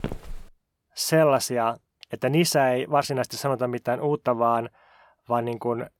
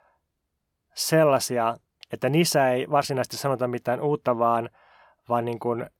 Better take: second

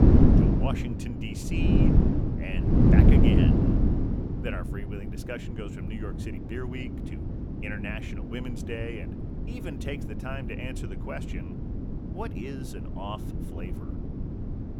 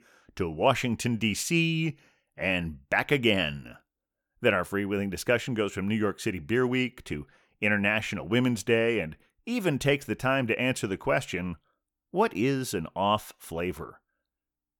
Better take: second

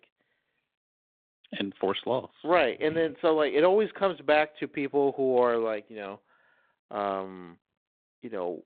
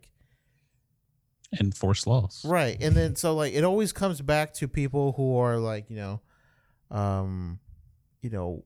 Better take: second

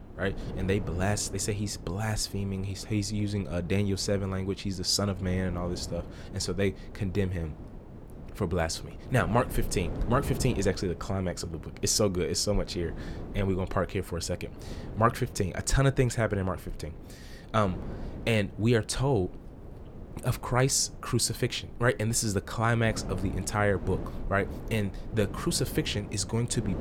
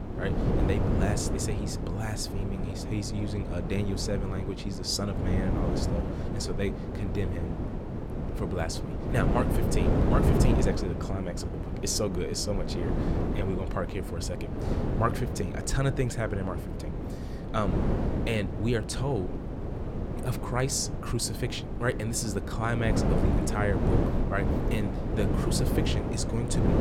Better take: first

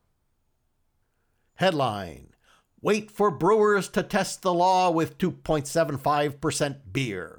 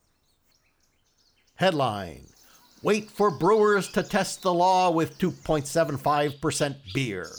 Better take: first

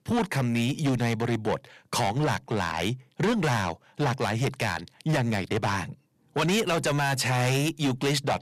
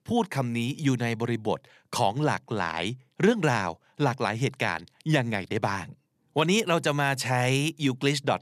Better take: second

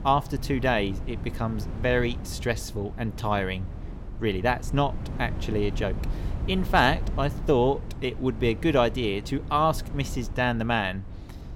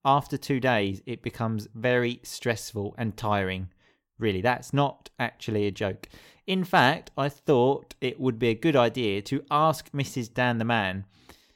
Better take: second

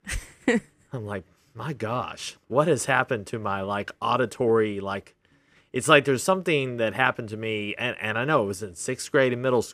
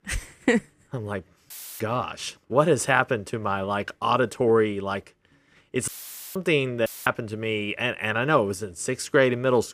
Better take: first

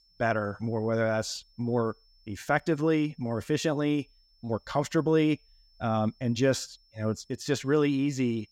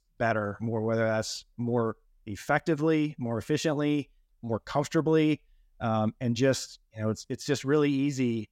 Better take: second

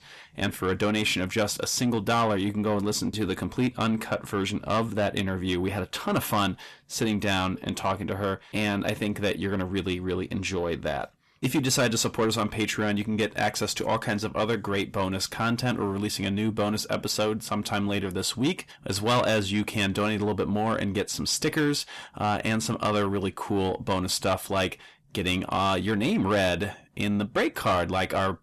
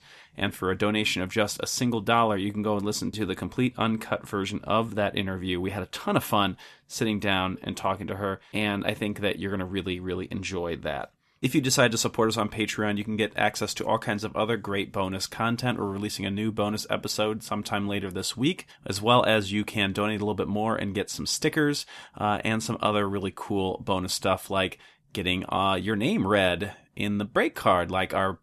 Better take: second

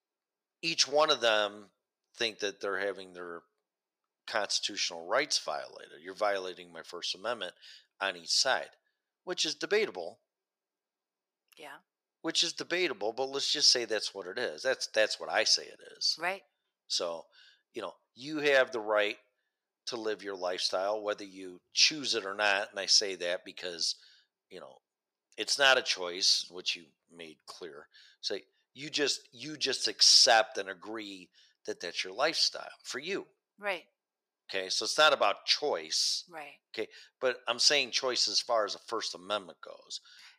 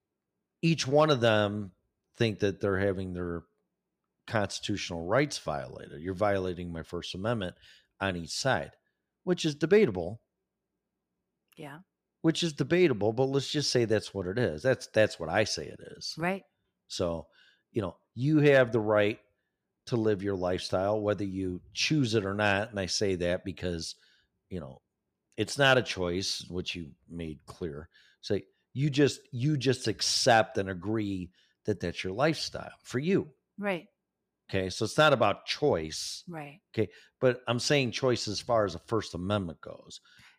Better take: second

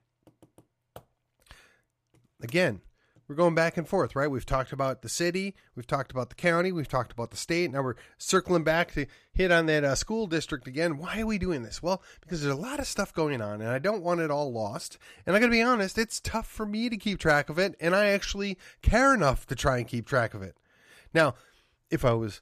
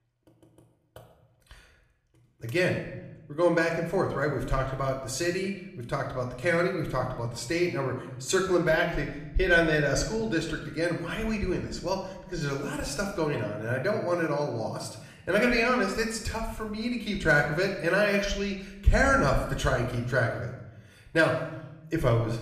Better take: first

